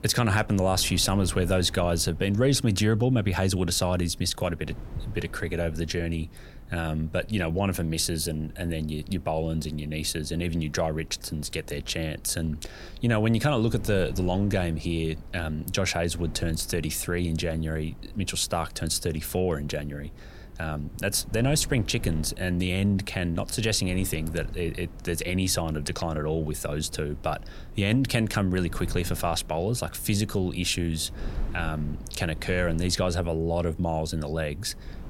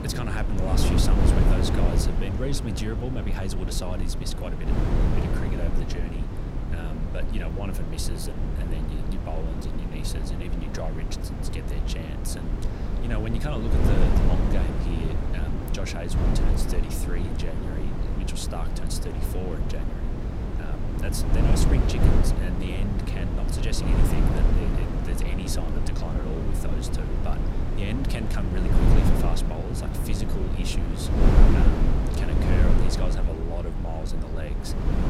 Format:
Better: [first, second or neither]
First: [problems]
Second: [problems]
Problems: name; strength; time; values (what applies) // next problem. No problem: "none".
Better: first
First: wind noise on the microphone; occasional gusts; 25 dB below the speech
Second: wind noise on the microphone; heavy; 2 dB above the speech